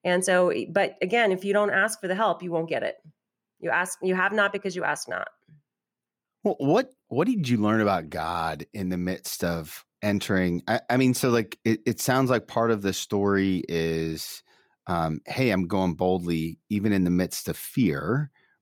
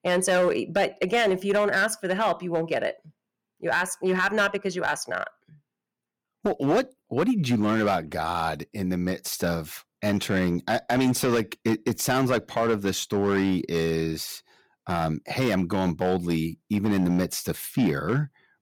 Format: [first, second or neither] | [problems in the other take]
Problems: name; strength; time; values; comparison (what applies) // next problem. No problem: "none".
first | distortion; slight; 5% of the sound clipped